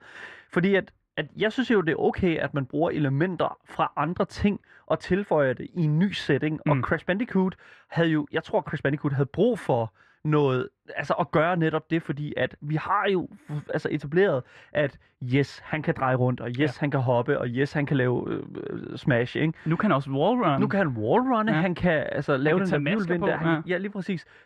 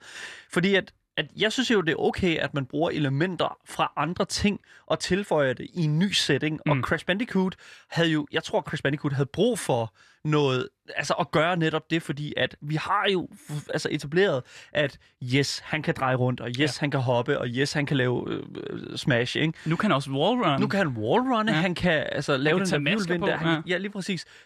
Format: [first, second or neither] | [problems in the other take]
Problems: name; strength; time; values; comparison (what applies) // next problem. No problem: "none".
second | muffled; slightly; fading above 3 kHz